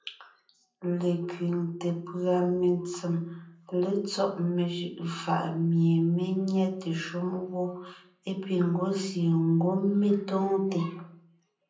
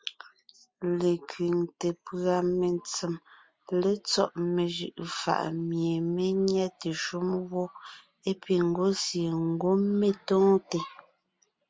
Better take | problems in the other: second | room echo; dies away in 0.6 s

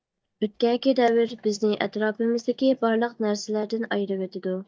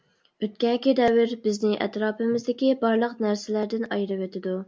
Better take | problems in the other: second | noise reduction (neural mask model DeepFilterNet 3)

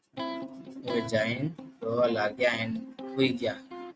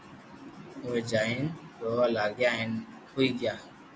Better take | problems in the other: second | noise reduction (neural mask model RNNoise)

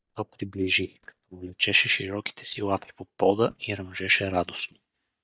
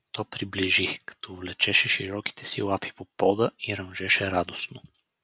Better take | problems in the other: second | noise reduction (neural mask model DeepFilterNet 3)

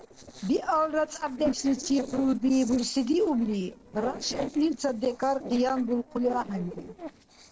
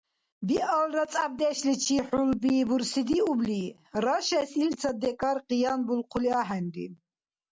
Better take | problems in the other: second | noise reduction (neural separator model SepFormer DNS4)

